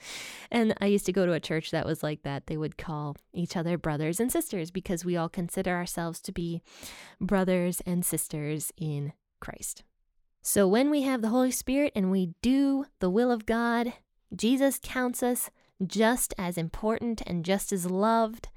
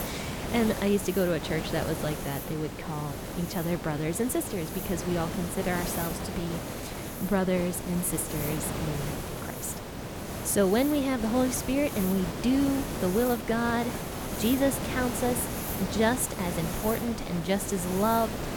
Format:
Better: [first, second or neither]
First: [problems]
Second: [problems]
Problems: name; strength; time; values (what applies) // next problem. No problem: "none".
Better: first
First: none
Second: hiss; loud; throughout; 5 dB below the speech